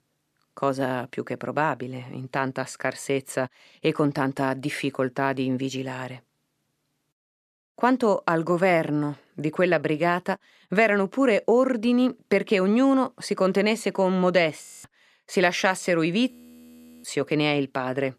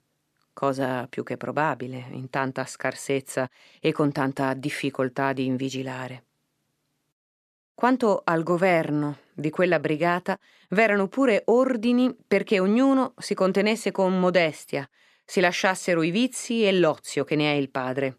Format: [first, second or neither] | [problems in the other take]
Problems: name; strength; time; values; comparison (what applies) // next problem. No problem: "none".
second | audio freezing; at 15 s and at 16 s for 0.5 s